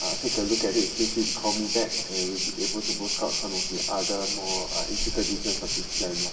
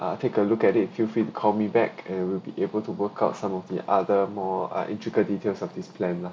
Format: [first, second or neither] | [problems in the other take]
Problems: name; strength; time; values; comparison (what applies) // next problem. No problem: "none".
second | background sound (Waves, surf); 1 dB above the speech // room echo; dies away in 1.6 s